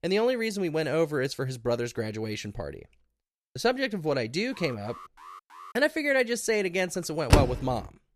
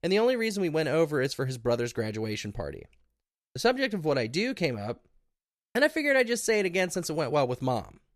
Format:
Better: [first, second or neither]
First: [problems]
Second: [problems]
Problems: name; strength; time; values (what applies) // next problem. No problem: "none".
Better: second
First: alarm; faint; from 4.5 to 5.5 s; peak 20 dB below the speech // door banging; loud; at 7.5 s; peak 5 dB above the speech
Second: none